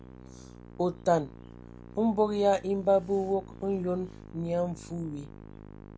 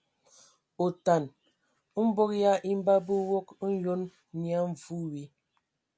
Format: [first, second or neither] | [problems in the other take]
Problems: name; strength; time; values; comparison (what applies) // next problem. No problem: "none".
second | background sound (Musical instrument); 17 dB below the speech